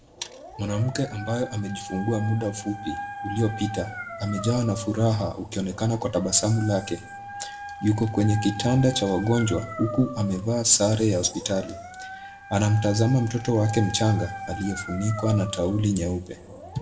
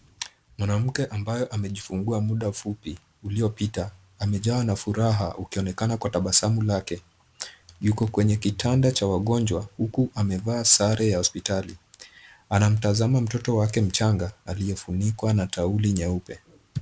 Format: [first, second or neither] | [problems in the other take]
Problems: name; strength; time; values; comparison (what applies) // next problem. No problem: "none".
second | background sound (Dog); 13 dB below the speech // room echo; dies away in 1.1 s